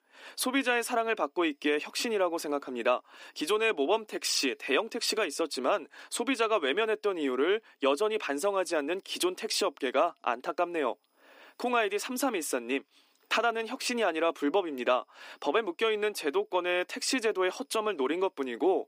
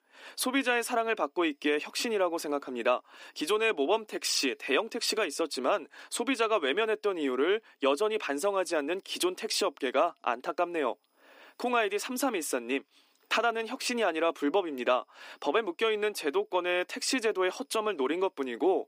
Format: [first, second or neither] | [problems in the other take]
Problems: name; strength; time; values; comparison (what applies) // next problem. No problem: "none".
neither | thin; somewhat; fading below 300 Hz; the same in both